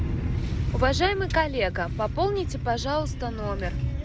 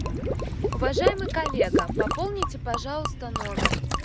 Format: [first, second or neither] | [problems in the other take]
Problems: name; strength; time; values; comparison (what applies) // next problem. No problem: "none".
first | background sound (Water / Liquid + Gurgling / Liquid); 2 dB above the speech